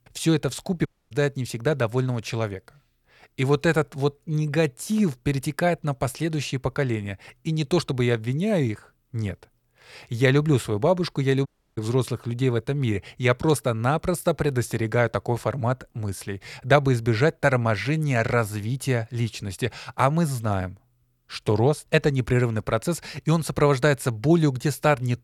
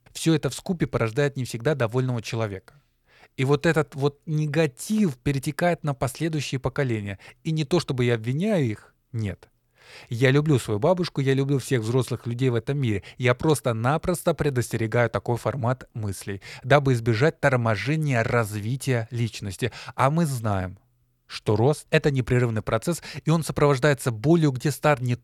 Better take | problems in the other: second | audio cutting out; at 1 s and at 11 s

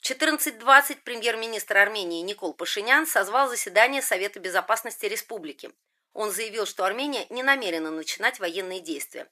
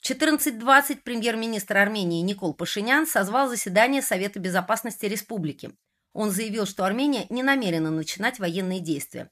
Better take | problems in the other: second | thin; somewhat; fading below 350 Hz

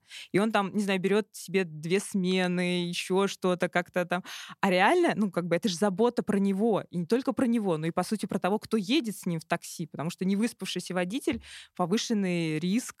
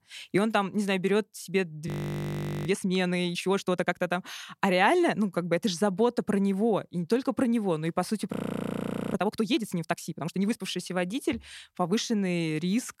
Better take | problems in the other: first | audio freezing; at 2 s for 1 s and at 8.5 s for 1 s

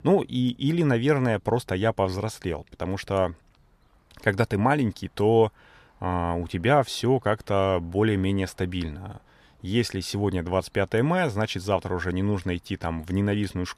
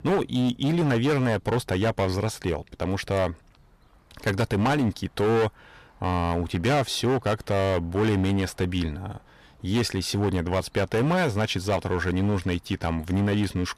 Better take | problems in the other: first | distortion; heavy; 14% of the sound clipped

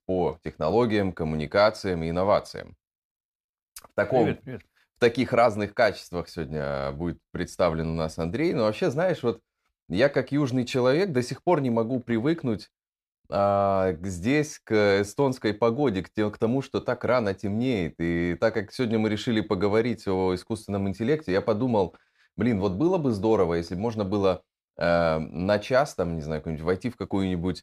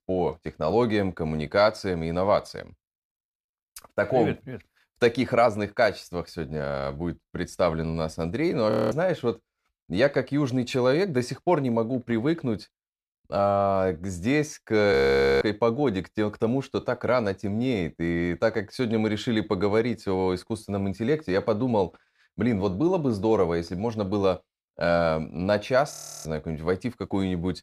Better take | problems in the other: first | audio freezing; at 8.5 s, at 15 s and at 26 s

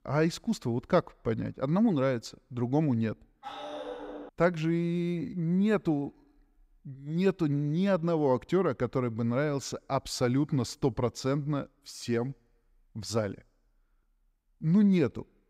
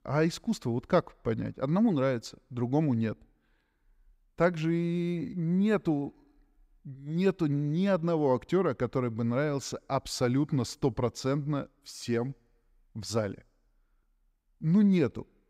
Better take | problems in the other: second | dog barking; noticeable; at 3.5 s; peak 10 dB below the speech

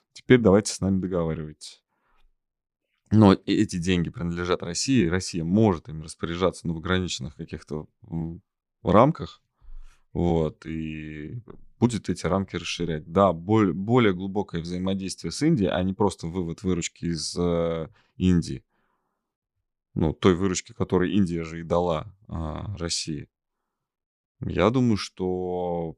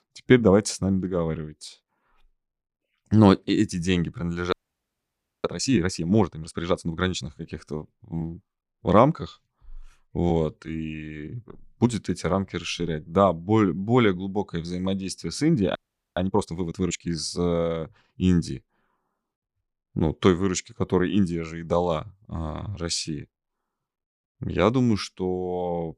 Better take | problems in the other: first | audio freezing; at 4.5 s for 1 s and at 16 s

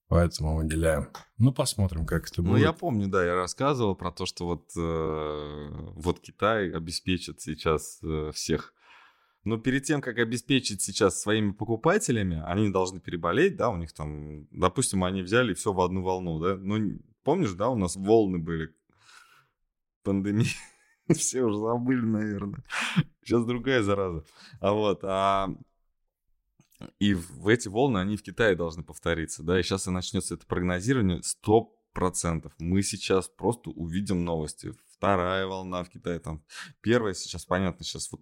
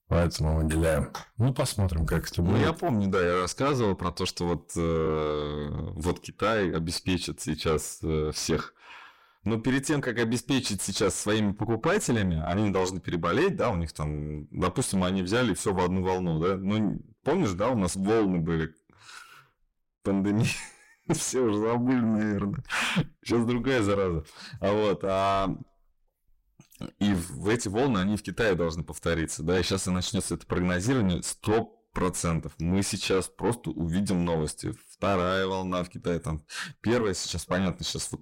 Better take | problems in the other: first | distortion; heavy; 6 dB below the speech

